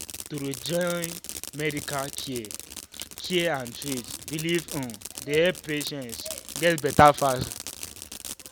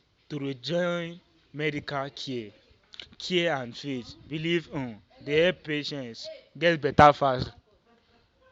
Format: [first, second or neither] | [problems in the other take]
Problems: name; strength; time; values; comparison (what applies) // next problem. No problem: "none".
second | background sound (Fireworks); 11 dB below the speech